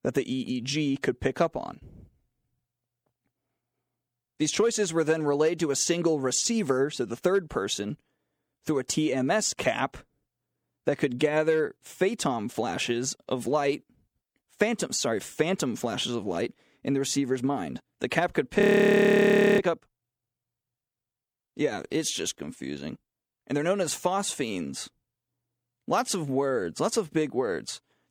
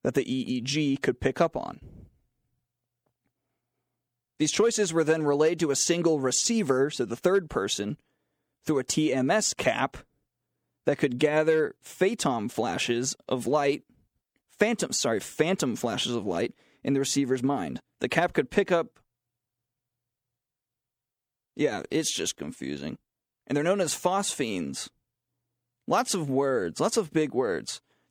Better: second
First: audio freezing; at 19 s for 1 s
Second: none

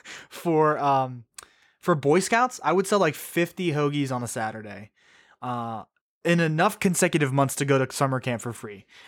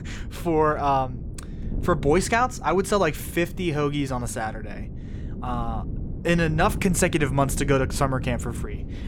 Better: first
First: none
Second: wind noise on the microphone; occasional gusts; 20 dB below the speech

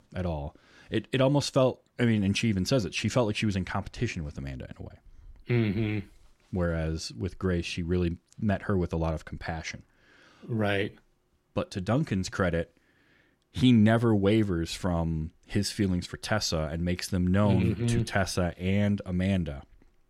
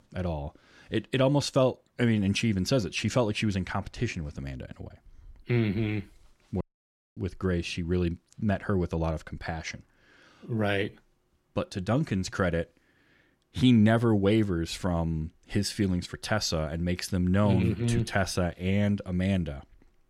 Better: first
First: none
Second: audio cutting out; at 6.5 s for 0.5 s

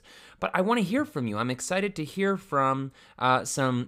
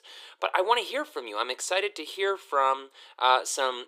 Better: first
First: none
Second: thin; very; fading below 350 Hz

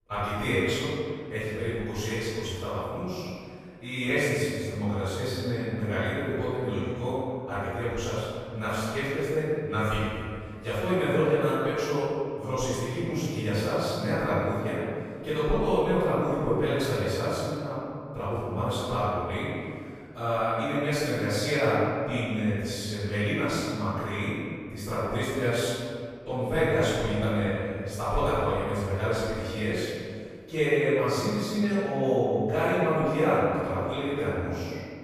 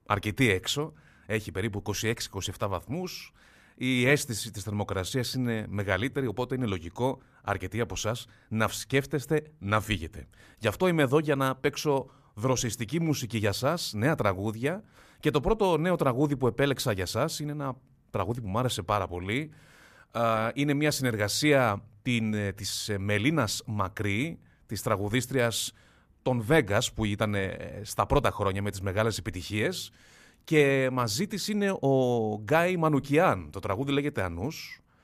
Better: second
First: off-mic speech; far // room echo; strong; dies away in 2 s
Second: none

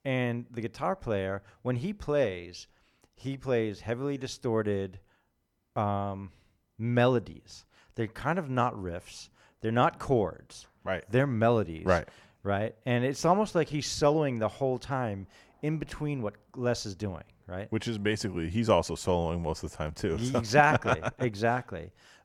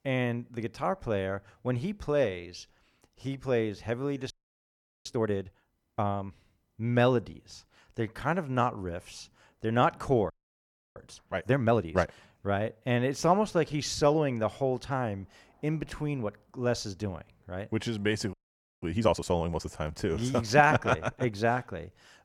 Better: first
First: none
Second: audio freezing; at 4.5 s for 1 s, at 10 s for 0.5 s and at 18 s

